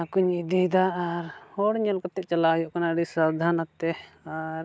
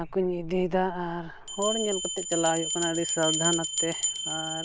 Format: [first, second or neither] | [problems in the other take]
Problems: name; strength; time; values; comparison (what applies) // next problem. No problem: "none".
first | background sound (Bell); 2 dB below the speech